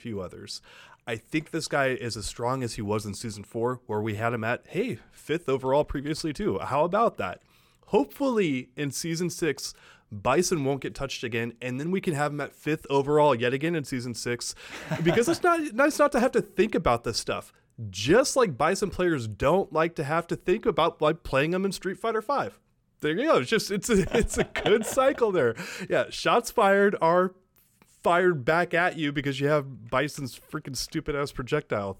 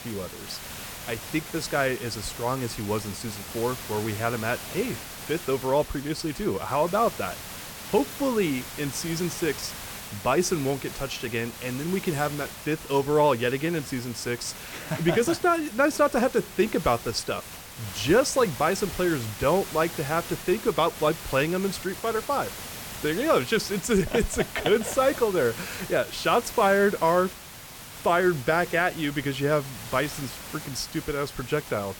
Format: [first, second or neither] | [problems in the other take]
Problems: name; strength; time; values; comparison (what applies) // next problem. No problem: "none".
first | hiss; noticeable; throughout; 10 dB below the speech